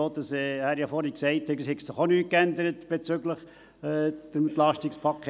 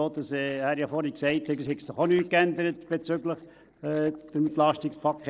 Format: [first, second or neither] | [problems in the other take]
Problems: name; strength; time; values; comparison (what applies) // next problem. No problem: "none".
first | noise reduction (neural separator model SepFormer DNS4)